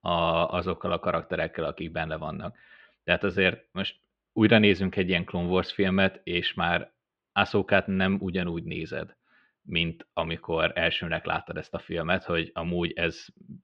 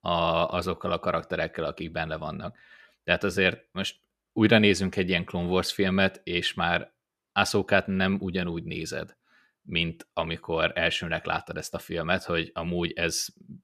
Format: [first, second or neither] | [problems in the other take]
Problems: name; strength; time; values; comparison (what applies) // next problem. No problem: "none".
second | muffled; slightly; fading above 3.5 kHz